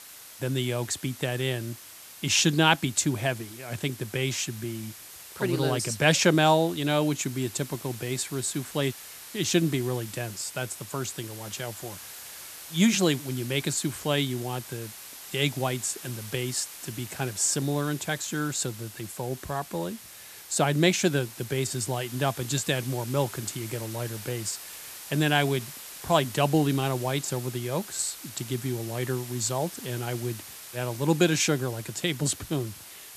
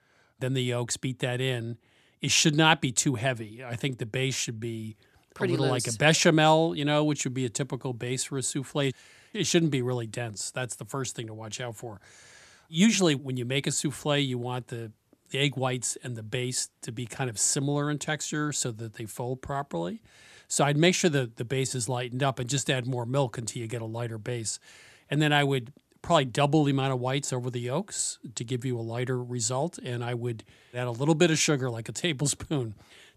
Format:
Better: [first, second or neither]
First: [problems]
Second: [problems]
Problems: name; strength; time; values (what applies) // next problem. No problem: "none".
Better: second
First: hiss; noticeable; throughout; 15 dB below the speech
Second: none